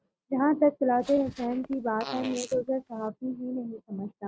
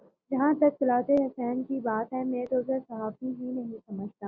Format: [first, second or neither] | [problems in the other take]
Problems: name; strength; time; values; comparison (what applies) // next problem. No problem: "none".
second | noise reduction (neural mask model RNNoise)